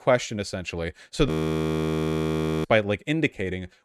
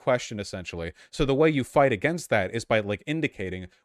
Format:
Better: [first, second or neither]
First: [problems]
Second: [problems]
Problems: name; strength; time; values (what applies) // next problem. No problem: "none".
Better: second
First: audio freezing; at 1.5 s for 1.5 s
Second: none